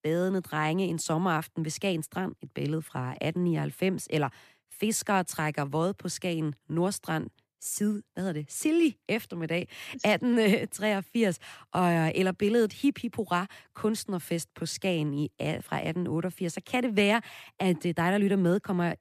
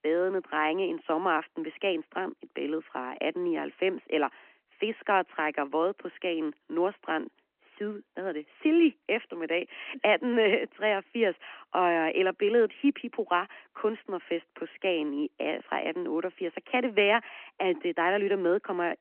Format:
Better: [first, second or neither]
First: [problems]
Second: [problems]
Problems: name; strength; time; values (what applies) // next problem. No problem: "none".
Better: first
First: none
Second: phone-call audio; nothing above 3 kHz